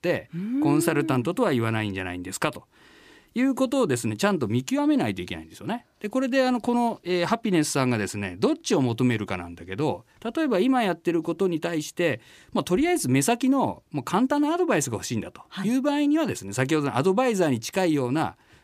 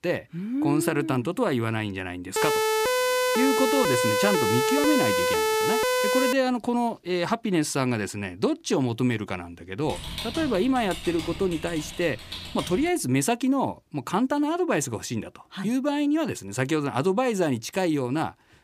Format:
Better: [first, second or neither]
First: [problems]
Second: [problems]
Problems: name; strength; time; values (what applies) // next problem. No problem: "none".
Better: first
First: none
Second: siren; loud; from 2.5 to 6.5 s; peak 4 dB above the speech // keyboard typing; noticeable; from 10 to 13 s; peak 6 dB below the speech